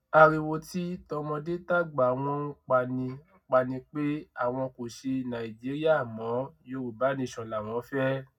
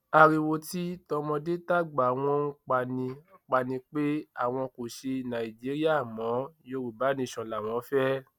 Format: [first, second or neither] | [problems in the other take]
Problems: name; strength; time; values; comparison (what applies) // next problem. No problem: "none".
second | room echo; dies away in 0.4 s